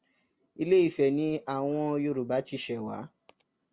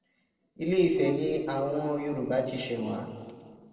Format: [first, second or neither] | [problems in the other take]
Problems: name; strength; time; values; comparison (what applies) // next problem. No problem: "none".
first | noise reduction (neural separator model SepFormer DNS4)